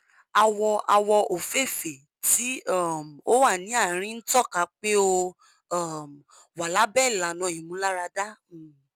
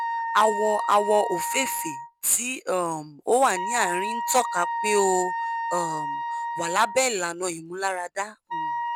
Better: first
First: none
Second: background sound (Wind instrument, woodwind instrument); 5 dB below the speech

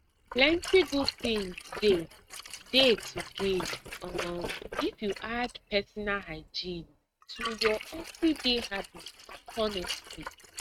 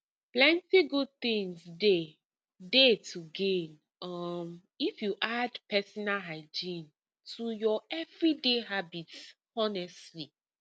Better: second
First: noise reduction (neural mask model RNNoise)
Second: none

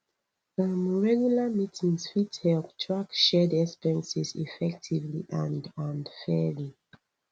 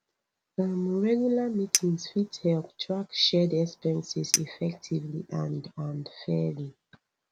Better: first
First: none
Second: background sound (Chink, clink); 8 dB below the speech

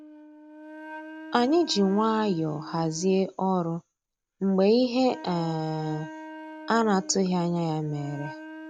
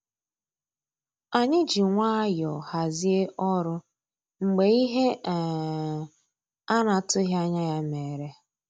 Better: second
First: background sound (Wind instrument, woodwind instrument); 16 dB below the speech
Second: none

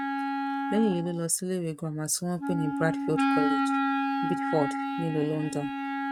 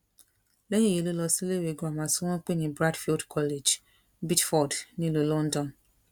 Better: second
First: noise reduction (neural mask model RNNoise)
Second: none

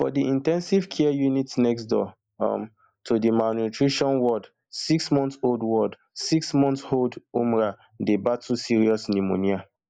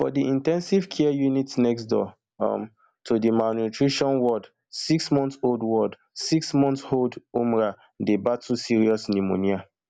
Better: second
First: noise reduction (neural mask model Resemble Enhance denoiser)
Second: none

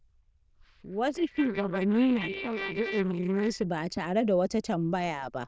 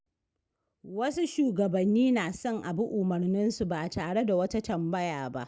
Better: second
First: noise reduction (neural diffusion model UNIVERSE++)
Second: none

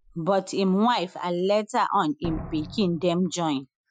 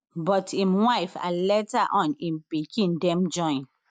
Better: second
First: noise reduction (classical method Wiener filter)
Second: none

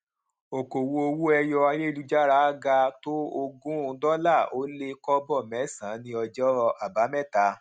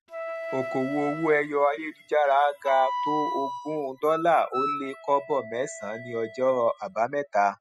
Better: first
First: none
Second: noise reduction (classical method spectral subtraction)

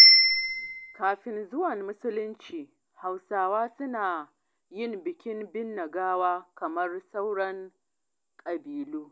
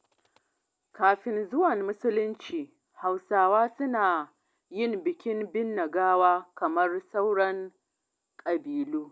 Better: second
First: background sound (Bicycle bell); 4 dB above the speech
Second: none

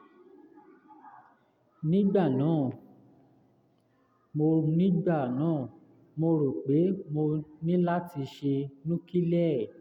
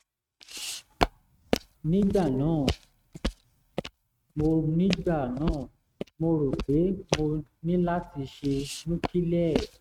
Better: first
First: none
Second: noise reduction (neural mask model RNNoise)

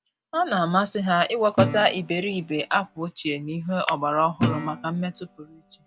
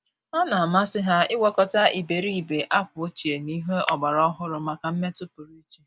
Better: second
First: background sound (Guitar); 5 dB below the speech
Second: none

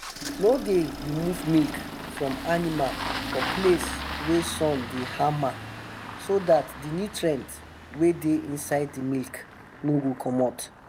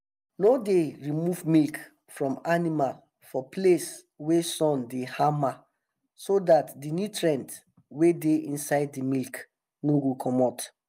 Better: second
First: background sound (Engine starting); 9 dB below the speech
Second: none

